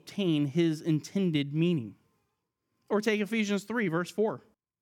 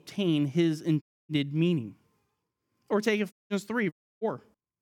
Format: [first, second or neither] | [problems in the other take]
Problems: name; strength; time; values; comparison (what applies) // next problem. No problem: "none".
first | audio cutting out; at 1 s, at 3.5 s and at 4 s